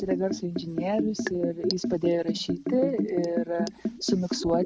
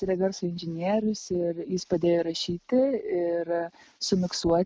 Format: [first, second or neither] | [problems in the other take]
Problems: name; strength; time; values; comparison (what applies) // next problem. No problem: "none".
second | background sound (Liquid); 3 dB below the speech